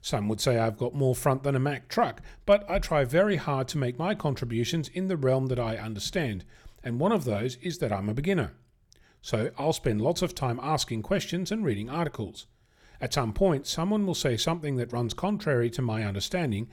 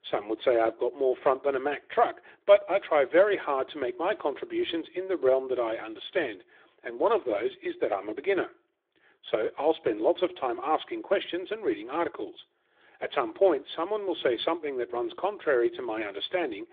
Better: first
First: none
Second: phone-call audio

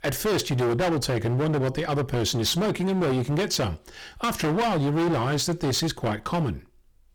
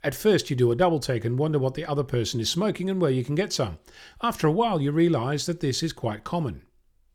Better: second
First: distortion; heavy; 27% of the sound clipped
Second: none

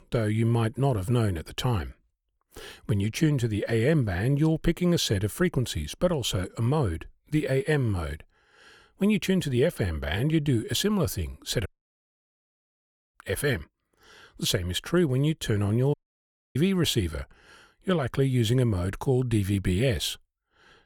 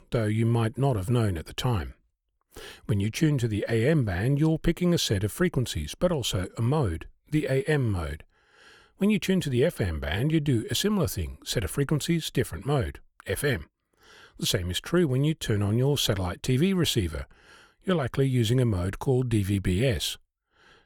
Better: second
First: audio cutting out; at 12 s for 1.5 s and at 16 s for 0.5 s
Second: none

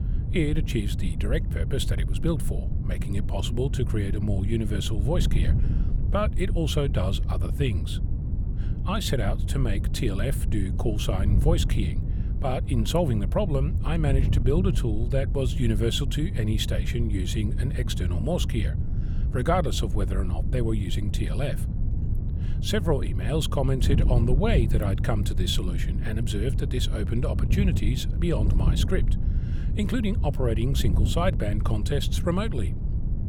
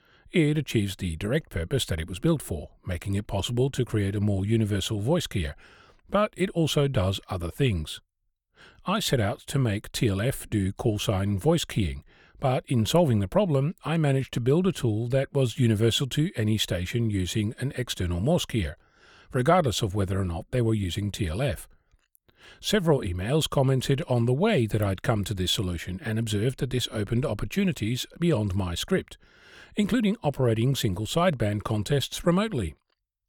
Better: second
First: wind noise on the microphone; occasional gusts; 10 dB below the speech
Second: none

